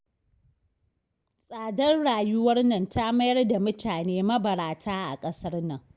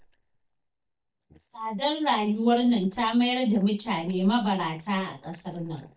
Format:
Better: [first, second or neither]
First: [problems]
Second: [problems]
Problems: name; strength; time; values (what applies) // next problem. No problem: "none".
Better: first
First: none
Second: noise reduction (neural mask model DeepFilterNet 3)